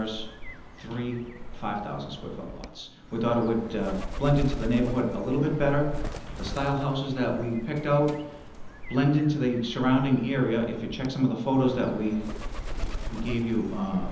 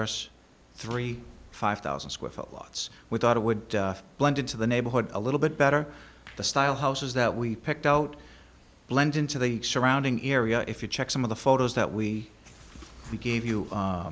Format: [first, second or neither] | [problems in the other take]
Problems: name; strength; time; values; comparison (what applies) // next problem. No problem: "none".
second | background sound (Bird); 8 dB below the speech // room echo; dies away in 0.9 s